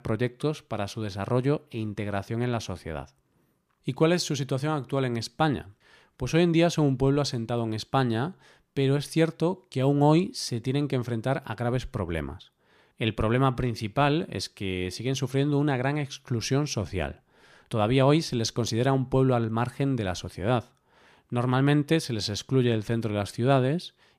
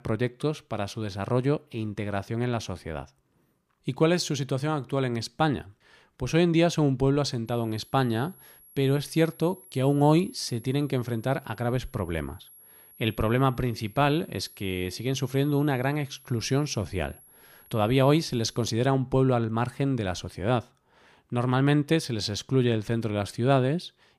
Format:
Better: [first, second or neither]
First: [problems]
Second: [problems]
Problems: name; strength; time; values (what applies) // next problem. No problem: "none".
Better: first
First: none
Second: high-pitched whine; faint; from 7.5 to 19 s; 11.5 kHz, 25 dB below the speech